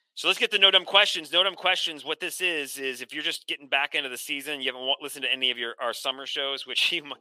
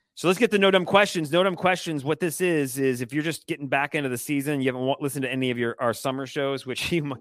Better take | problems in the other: second | thin; somewhat; fading below 500 Hz

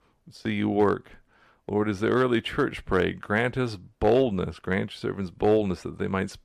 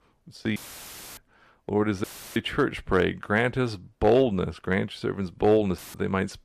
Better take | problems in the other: first | audio cutting out; filled with static; at 0.5 s for 0.5 s, at 2 s and at 6 s

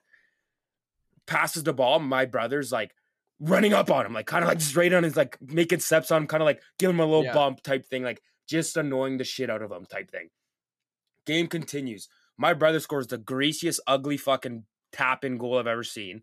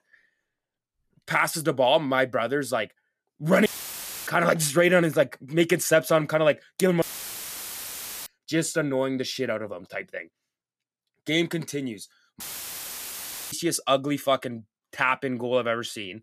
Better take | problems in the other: first | audio cutting out; filled with static; at 3.5 s for 0.5 s, at 7 s for 1.5 s and at 12 s for 1 s

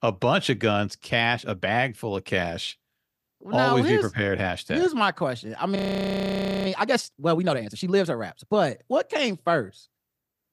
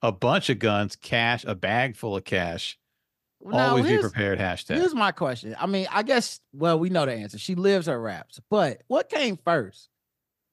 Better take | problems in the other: second | audio freezing; at 6 s for 1 s

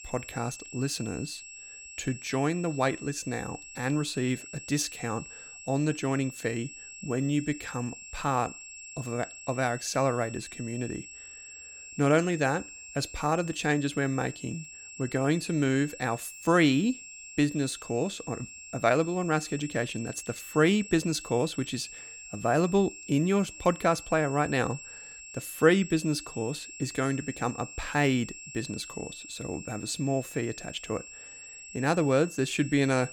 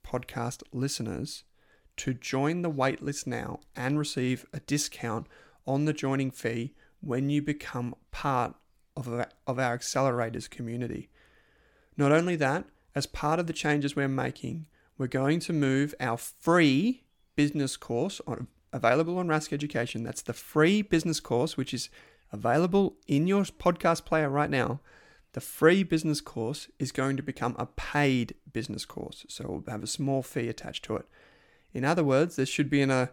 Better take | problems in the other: second | high-pitched whine; noticeable; throughout; 2.5 kHz, 15 dB below the speech

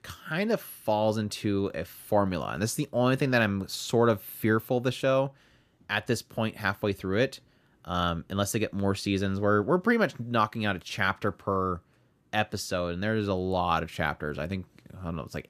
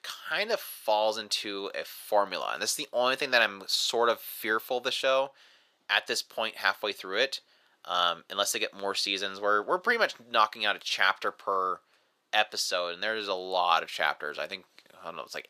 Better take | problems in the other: first | thin; very; fading below 700 Hz

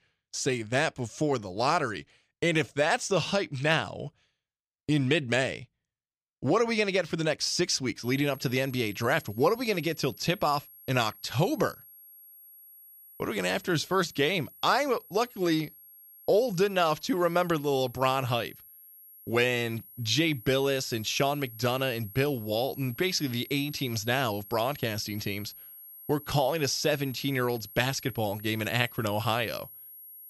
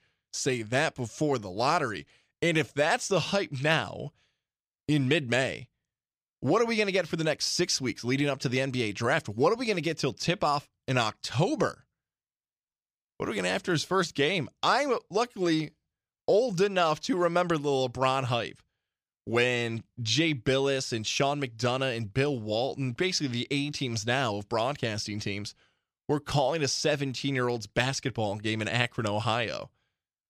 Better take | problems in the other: second | high-pitched whine; noticeable; from 8 s on; 11.5 kHz, 20 dB below the speech

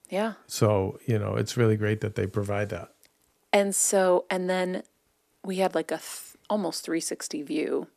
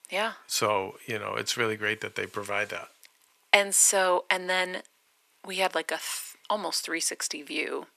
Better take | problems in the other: first | thin; somewhat; fading below 1 kHz

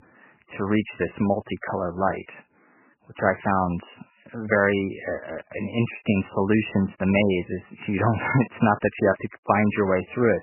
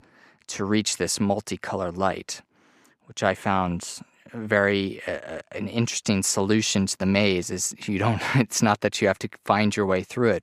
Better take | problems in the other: second | garbled, watery; badly; nothing above 3 kHz

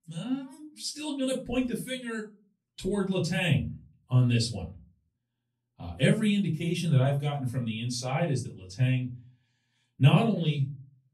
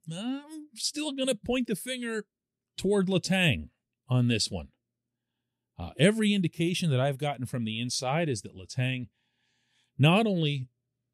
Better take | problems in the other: second | off-mic speech; far // room echo; very slight; dies away in 0.3 s

